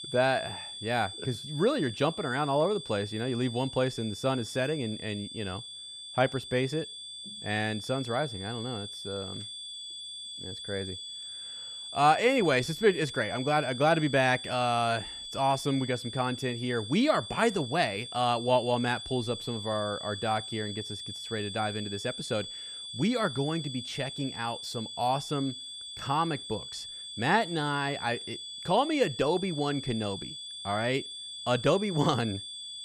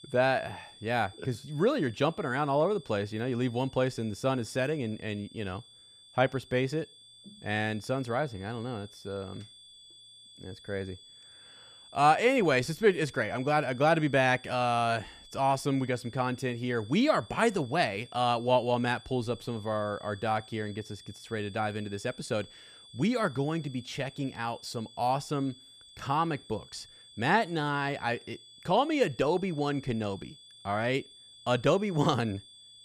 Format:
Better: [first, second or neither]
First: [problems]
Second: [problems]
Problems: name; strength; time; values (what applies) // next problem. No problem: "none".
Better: second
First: high-pitched whine; loud; throughout; 3.5 kHz, 9 dB below the speech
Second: high-pitched whine; faint; throughout; 3.5 kHz, 20 dB below the speech